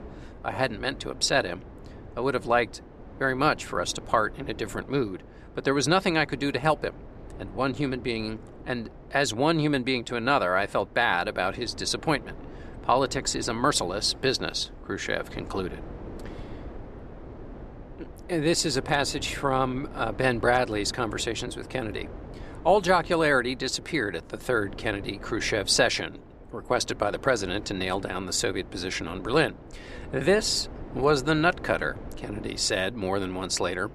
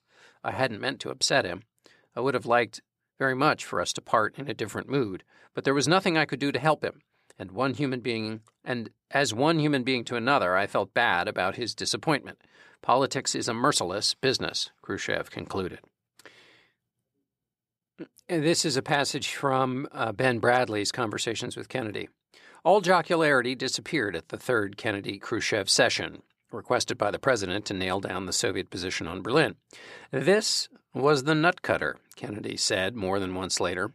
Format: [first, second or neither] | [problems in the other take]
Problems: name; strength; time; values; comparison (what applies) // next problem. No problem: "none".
second | wind noise on the microphone; occasional gusts; 20 dB below the speech